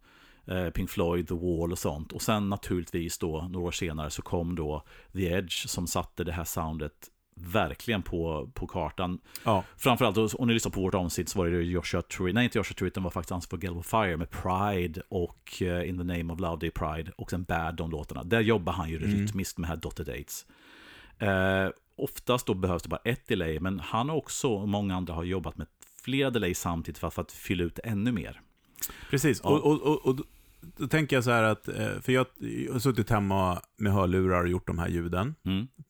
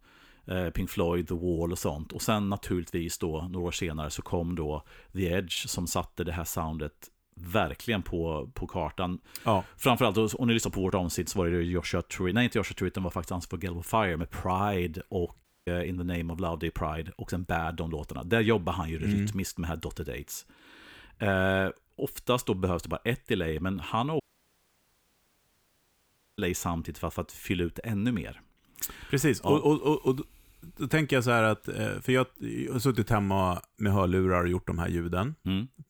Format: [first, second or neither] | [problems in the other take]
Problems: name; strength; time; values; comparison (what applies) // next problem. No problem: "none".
first | audio cutting out; at 15 s and at 24 s for 2 s